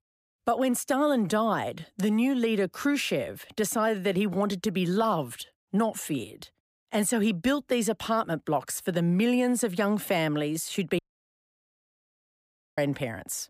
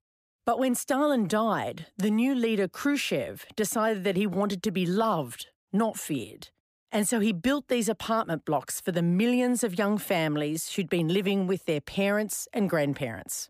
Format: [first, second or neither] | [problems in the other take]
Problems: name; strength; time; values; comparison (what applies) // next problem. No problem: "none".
second | audio cutting out; at 11 s for 2 s